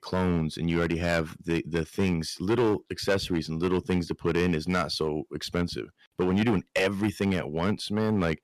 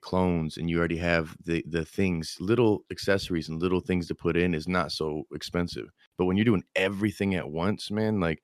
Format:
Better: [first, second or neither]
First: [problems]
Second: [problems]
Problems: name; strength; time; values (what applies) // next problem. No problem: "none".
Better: second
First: distortion; slight; 6% of the sound clipped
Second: none